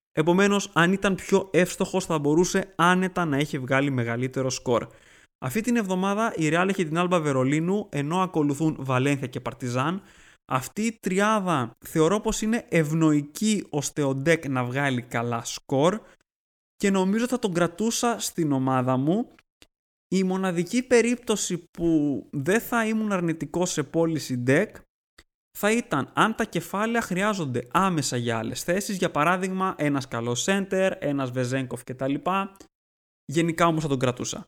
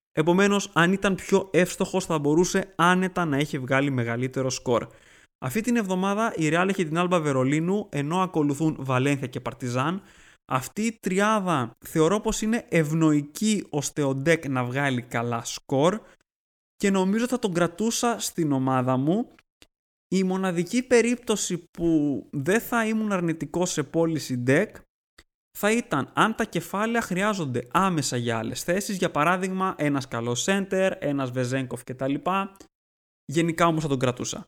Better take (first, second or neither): neither